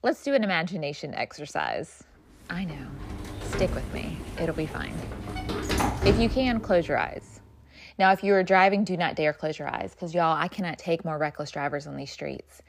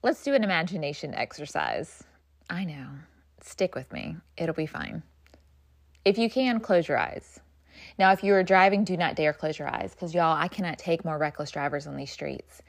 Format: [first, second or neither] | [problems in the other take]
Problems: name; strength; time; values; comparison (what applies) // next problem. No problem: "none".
second | door banging; loud; from 3 to 7 s; peak 2 dB above the speech